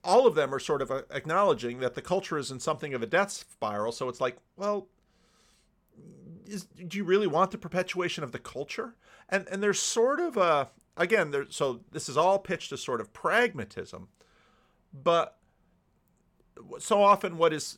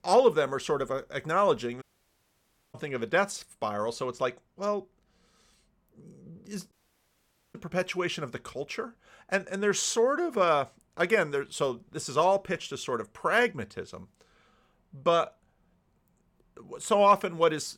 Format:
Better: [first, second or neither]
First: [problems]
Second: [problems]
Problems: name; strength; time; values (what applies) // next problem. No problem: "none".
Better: first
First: none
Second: audio cutting out; at 2 s for 1 s and at 6.5 s for 1 s